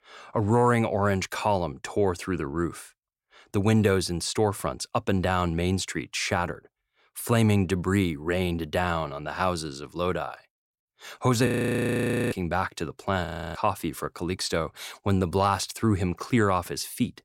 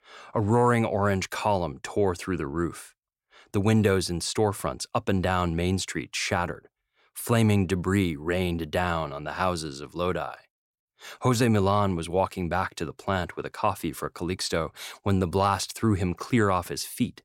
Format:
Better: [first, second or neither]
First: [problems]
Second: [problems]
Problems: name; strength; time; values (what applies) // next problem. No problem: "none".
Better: second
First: audio freezing; at 11 s for 1 s and at 13 s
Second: none